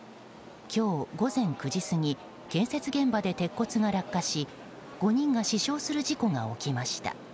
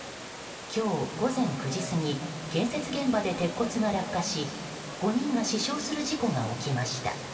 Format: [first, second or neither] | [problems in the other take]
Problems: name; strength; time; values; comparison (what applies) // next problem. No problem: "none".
first | background sound (Water); 12 dB below the speech // room echo; dies away in 2.3 s